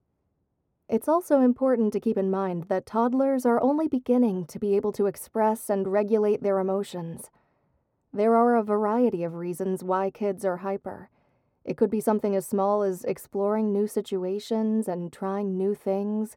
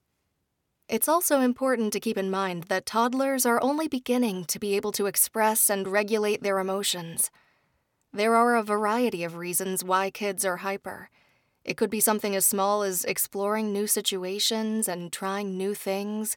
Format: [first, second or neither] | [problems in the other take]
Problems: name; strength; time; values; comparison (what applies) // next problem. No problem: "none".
second | muffled; very; fading above 1.5 kHz